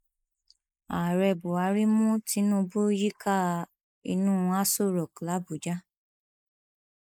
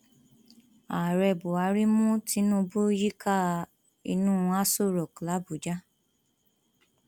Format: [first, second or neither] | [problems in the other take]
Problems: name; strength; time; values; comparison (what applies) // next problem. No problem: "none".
second | noise reduction (neural mask model Resemble Enhance denoiser)